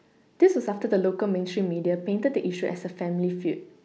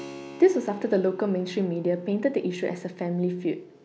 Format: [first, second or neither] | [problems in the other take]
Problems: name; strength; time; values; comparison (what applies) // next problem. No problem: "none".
first | background sound (Keyboard (musical)); 20 dB below the speech